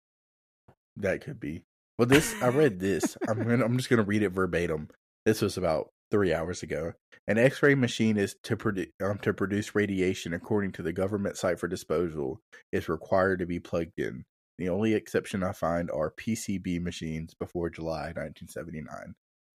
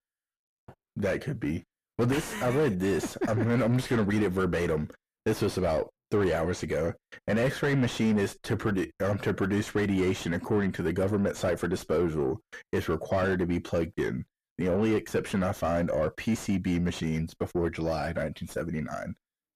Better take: first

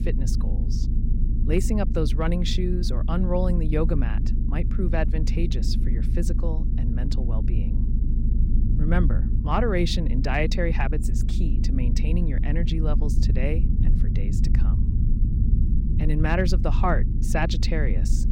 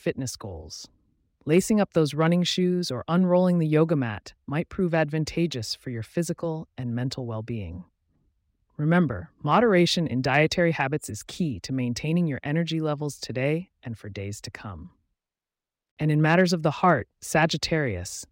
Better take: second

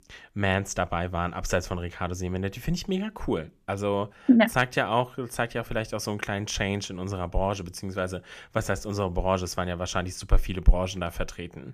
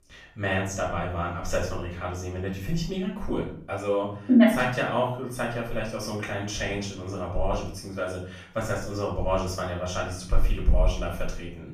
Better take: first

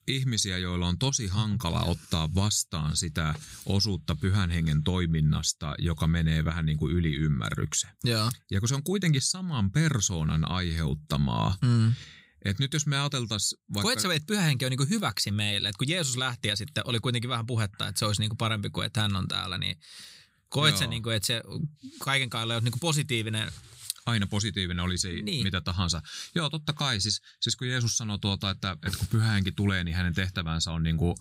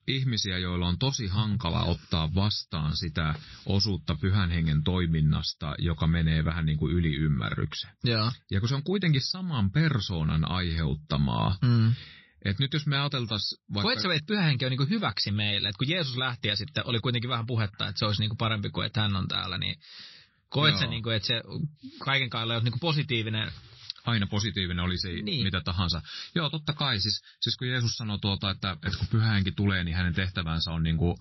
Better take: first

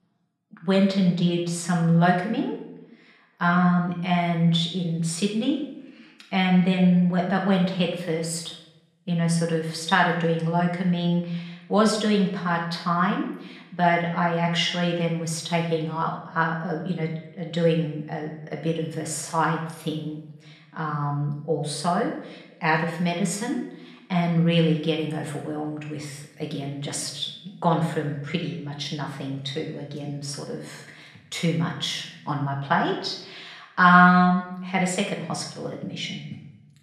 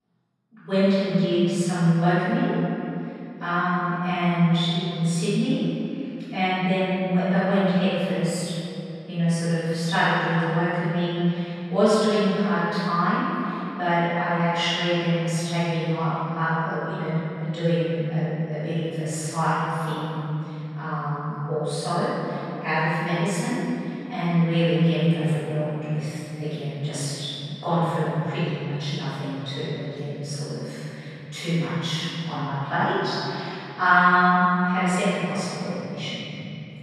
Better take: first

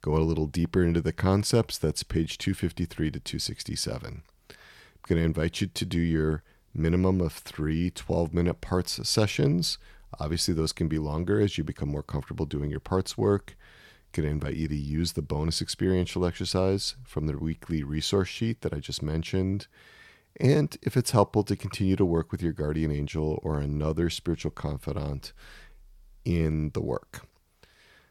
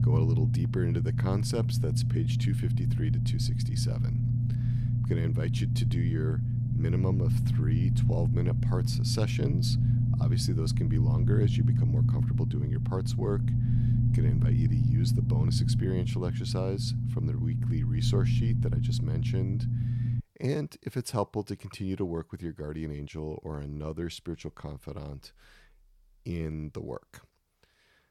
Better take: first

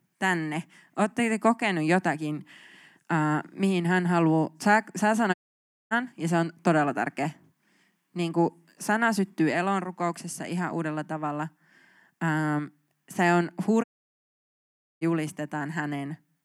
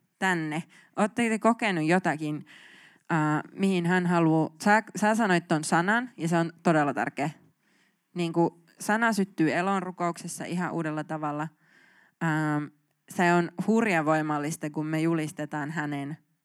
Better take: second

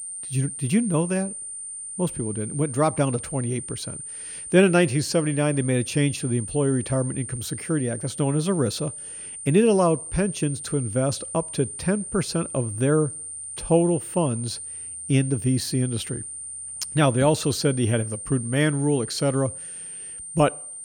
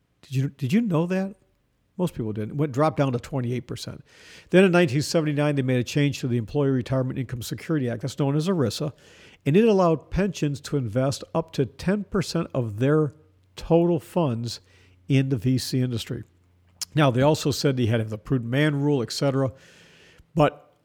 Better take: second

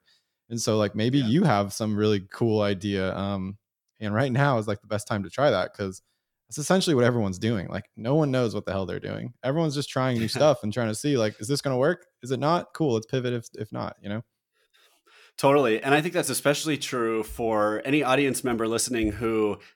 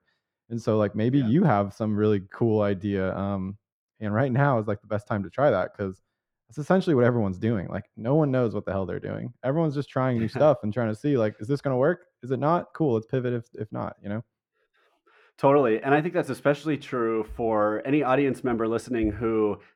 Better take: first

